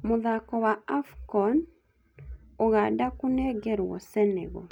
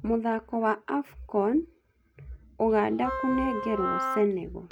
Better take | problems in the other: first | background sound (Wind instrument, woodwind instrument); 5 dB below the speech

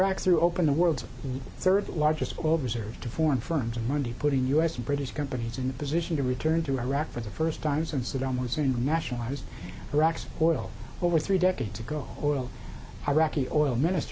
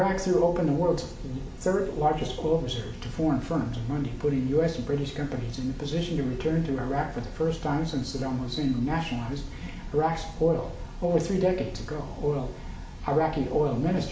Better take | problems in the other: first | room echo; dies away in 0.6 s

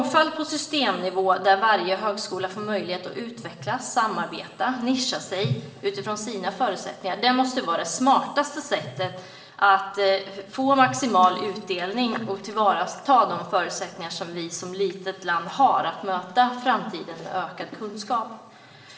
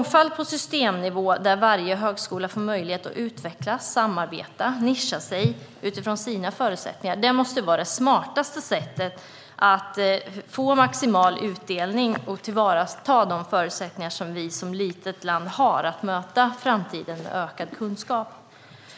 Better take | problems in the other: second | room echo; dies away in 1.3 s

